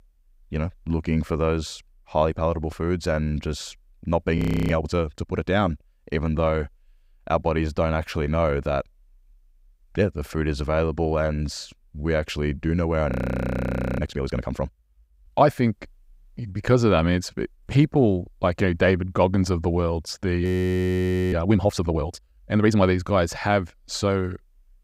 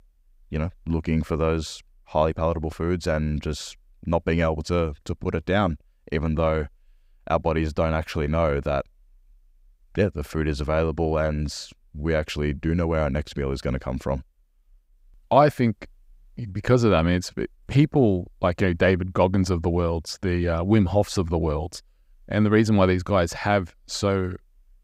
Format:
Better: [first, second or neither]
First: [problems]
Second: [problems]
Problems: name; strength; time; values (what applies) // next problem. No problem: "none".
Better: second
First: audio freezing; at 4.5 s, at 13 s for 1 s and at 20 s for 1 s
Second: none